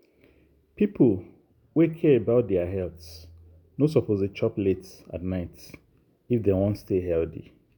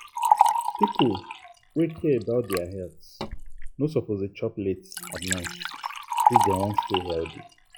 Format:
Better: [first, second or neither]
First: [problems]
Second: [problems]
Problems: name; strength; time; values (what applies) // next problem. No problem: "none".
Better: first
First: none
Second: noise reduction (classical method log-MMSE)